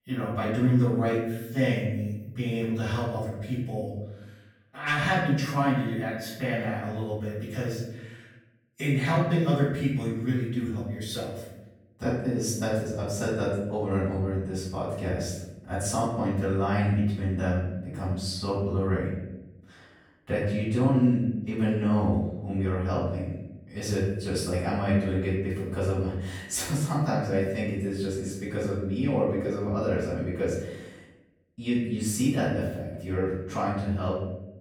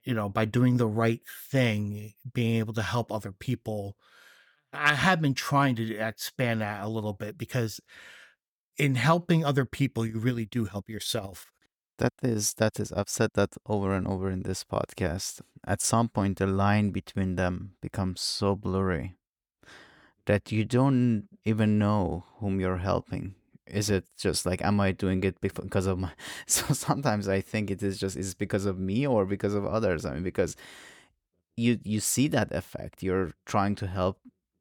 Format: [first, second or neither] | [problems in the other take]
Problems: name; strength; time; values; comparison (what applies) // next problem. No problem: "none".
second | off-mic speech; far // room echo; noticeable; dies away in 0.9 s